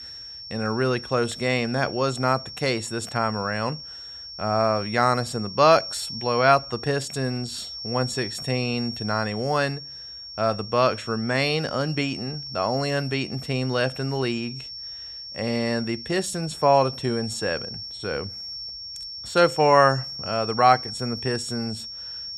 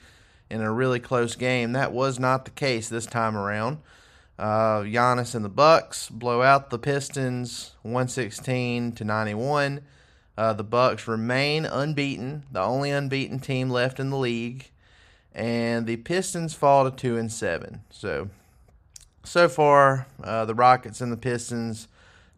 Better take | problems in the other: second | high-pitched whine; loud; throughout; 5.5 kHz, 10 dB below the speech

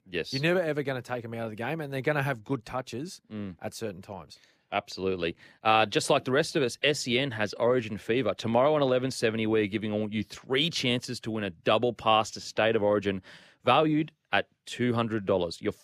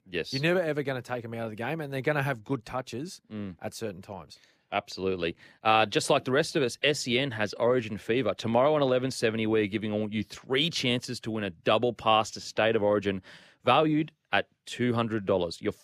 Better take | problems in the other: neither | none

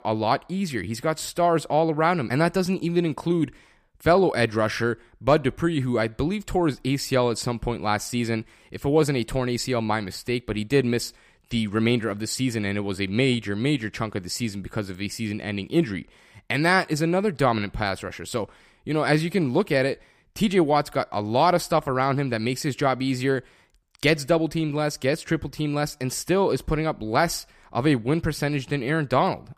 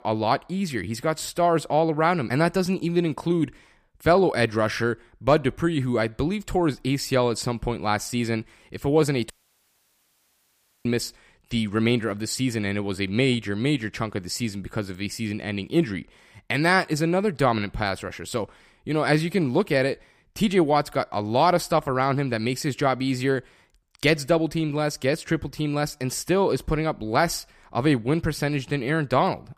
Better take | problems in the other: first | audio cutting out; at 9.5 s for 1.5 s

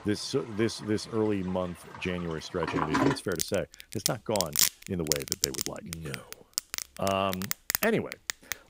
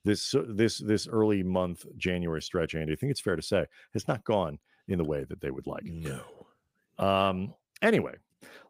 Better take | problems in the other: second | household noises; very loud; throughout; 1 dB above the speech

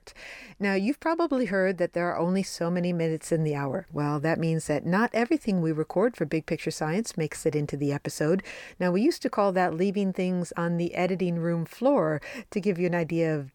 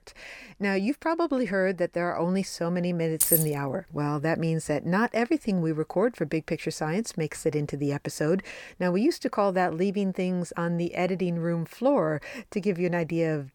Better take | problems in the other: first | jangling keys; loud; at 3 s; peak 5 dB above the speech

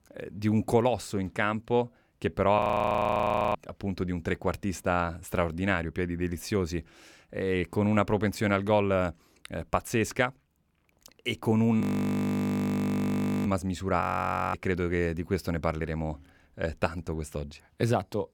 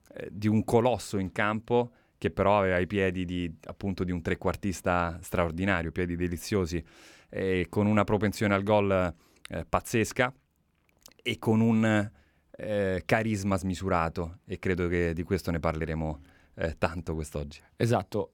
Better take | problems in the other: second | audio freezing; at 2.5 s for 1 s, at 12 s for 1.5 s and at 14 s for 0.5 s

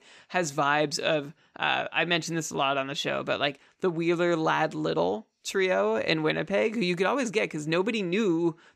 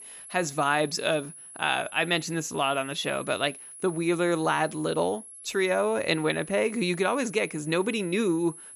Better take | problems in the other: first | high-pitched whine; noticeable; throughout; 10.5 kHz, 15 dB below the speech

